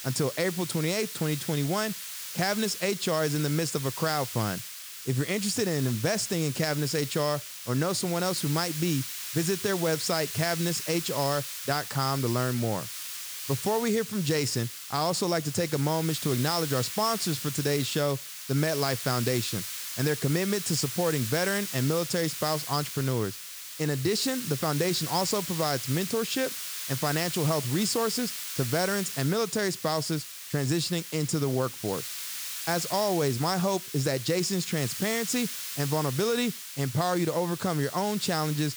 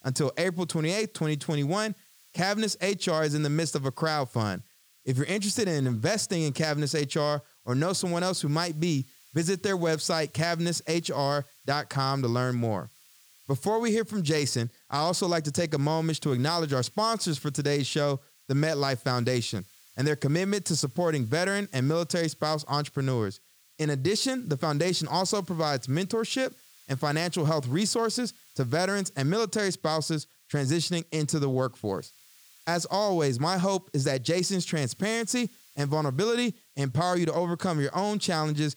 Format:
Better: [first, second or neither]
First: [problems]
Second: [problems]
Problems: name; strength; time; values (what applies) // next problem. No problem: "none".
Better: second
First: hiss; loud; throughout; 6 dB below the speech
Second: hiss; faint; throughout; 25 dB below the speech